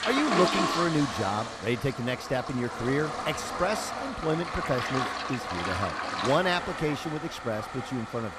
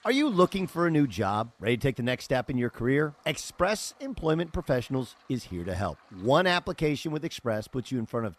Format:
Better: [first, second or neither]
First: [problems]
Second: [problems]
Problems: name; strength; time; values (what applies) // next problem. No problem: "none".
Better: second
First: household noises; loud; throughout; 2 dB below the speech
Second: household noises; faint; throughout; 30 dB below the speech